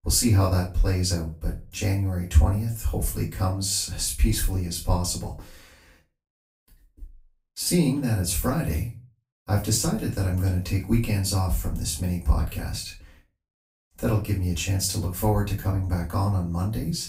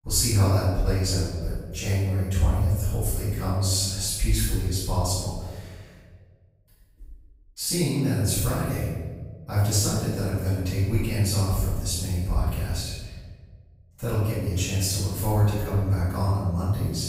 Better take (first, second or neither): first